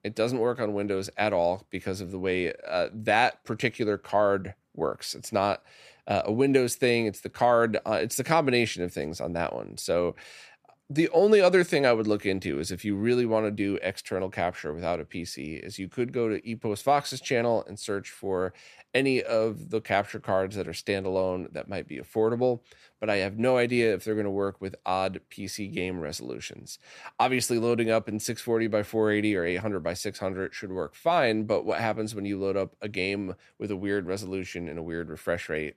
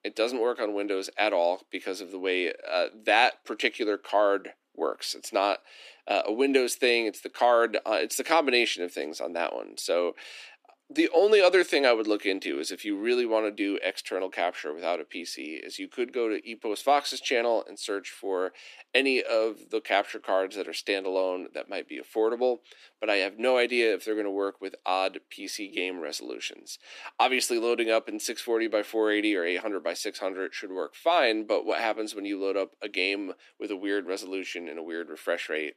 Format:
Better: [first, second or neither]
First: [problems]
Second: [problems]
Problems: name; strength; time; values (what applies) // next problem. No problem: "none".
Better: first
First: none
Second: thin; very slightly; fading below 300 Hz